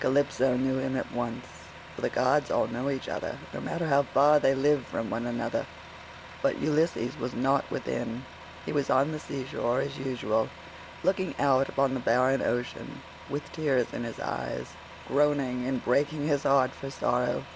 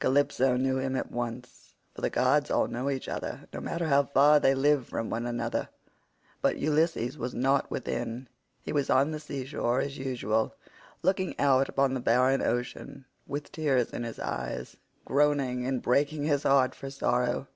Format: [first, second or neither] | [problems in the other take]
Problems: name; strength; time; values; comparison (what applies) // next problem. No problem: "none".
second | background sound (Truck); 17 dB below the speech